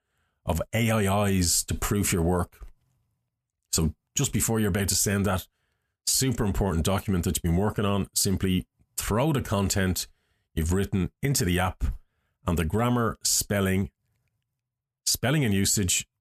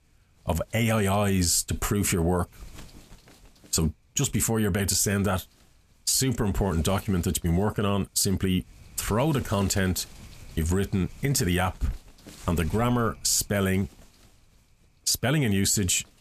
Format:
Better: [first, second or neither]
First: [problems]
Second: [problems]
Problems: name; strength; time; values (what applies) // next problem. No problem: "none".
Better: first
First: none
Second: wind noise on the microphone; occasional gusts; 25 dB below the speech